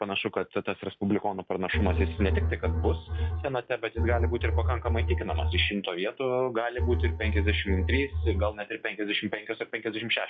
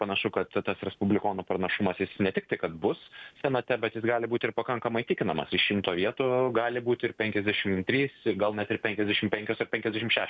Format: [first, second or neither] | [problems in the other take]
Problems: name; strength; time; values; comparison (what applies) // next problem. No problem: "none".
second | noise reduction (classical method log-MMSE)